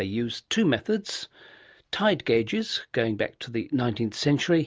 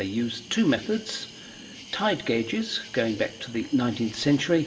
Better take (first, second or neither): first